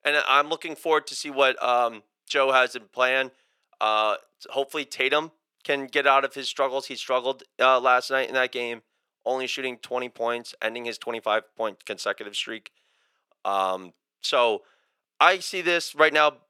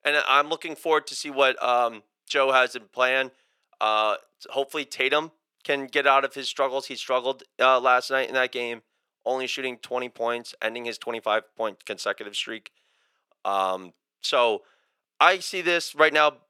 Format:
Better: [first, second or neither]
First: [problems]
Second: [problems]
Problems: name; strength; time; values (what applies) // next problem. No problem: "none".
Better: neither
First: thin; very; fading below 350 Hz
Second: thin; very; fading below 350 Hz